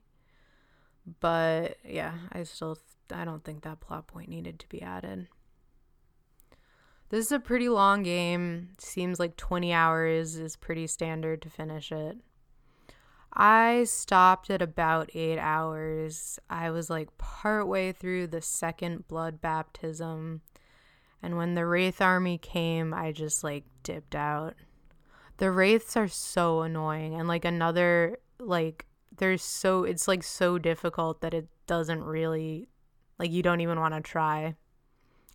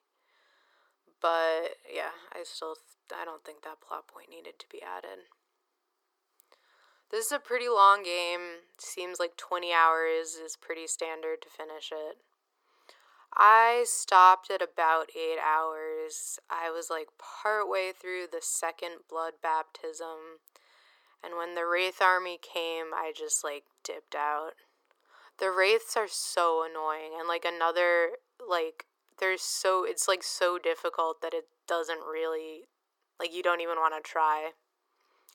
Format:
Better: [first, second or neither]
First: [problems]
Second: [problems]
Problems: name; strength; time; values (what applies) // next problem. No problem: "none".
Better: first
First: none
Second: thin; very; fading below 400 Hz